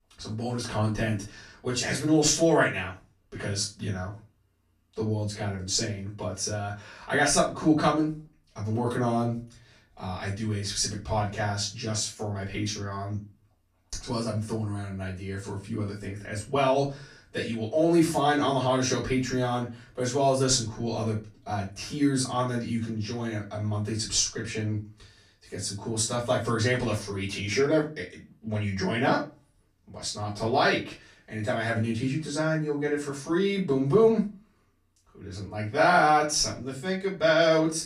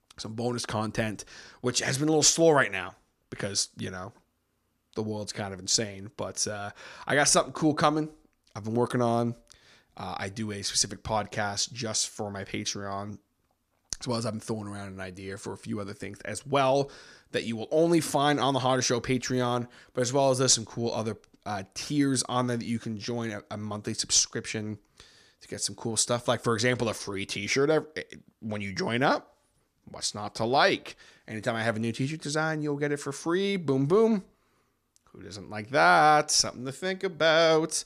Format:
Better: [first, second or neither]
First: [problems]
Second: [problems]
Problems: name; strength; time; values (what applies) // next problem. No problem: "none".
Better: second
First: off-mic speech; far // room echo; slight; dies away in 0.3 s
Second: none